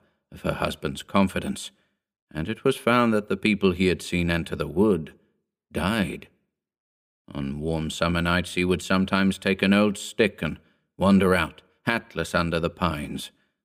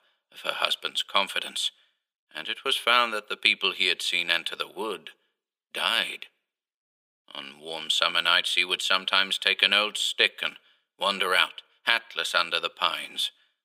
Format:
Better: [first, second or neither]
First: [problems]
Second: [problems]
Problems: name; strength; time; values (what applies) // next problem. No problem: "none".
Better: first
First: none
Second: thin; very; fading below 850 Hz